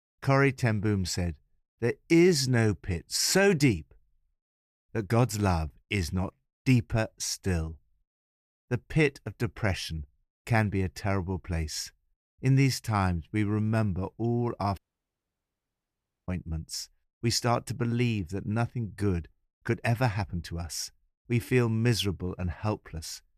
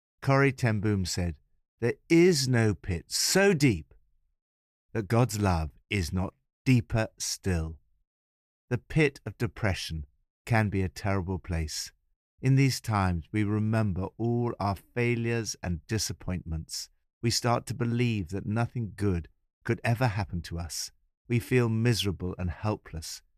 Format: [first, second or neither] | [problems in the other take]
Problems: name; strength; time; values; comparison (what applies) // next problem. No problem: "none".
second | audio cutting out; at 15 s for 1.5 s